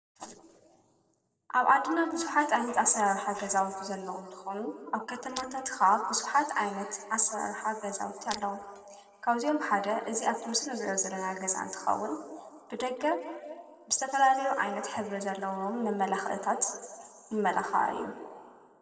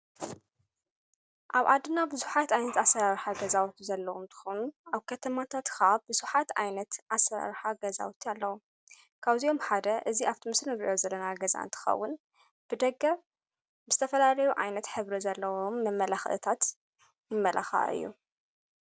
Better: second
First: noise reduction (neural separator model SepFormer DNS4)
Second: none

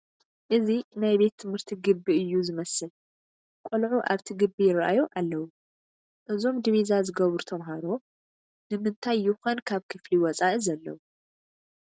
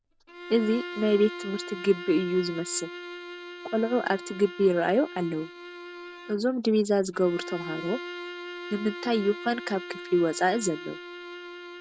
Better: first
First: none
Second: background sound (Bowed string instrument); 12 dB below the speech

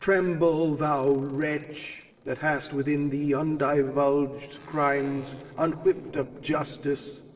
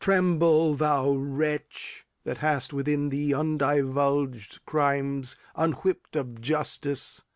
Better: second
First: noise reduction (neural separator model SepFormer DNS4)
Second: none

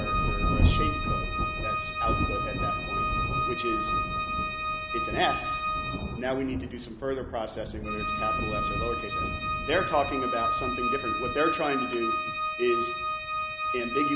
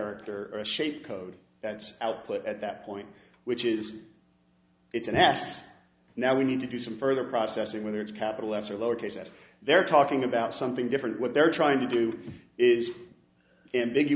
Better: second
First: background sound (Thunder + Organ); 4 dB above the speech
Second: none

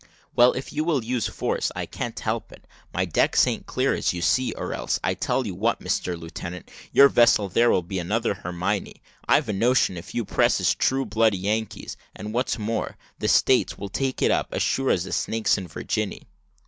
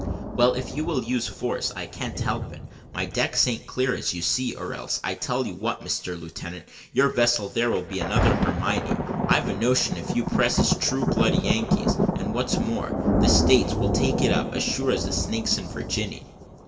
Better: first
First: none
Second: background sound (Thunder); 1 dB below the speech // room echo; dies away in 0.8 s

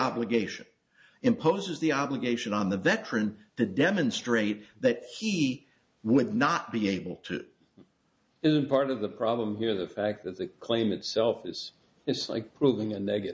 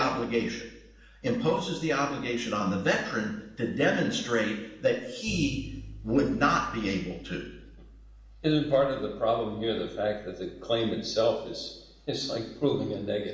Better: first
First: none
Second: background sound (Bass guitar); 19 dB below the speech // room echo; dies away in 0.8 s

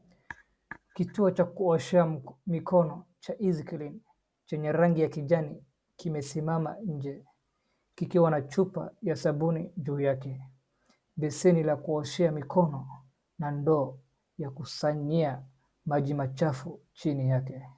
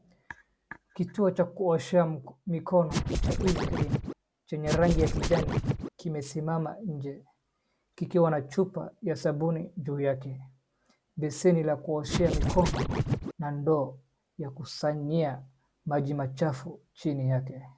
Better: first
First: none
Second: background sound (Scratching (performance technique)); 1 dB above the speech

